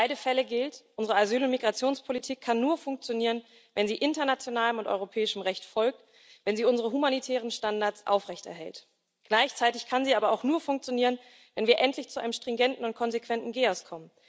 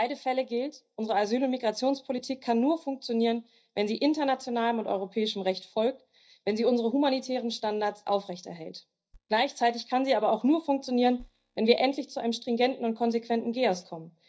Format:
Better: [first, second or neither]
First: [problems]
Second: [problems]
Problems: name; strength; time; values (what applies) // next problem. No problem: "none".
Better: first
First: none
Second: noise reduction (neural mask model DeepFilterNet 3)